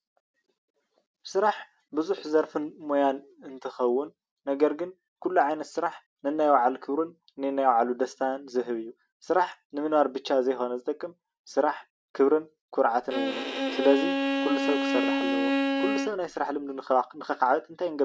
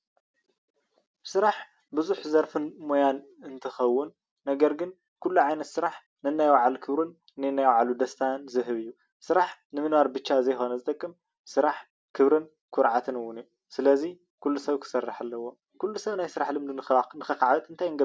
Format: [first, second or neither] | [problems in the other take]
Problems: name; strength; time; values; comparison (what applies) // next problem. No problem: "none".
second | background sound (Bowed string instrument); as loud as the speech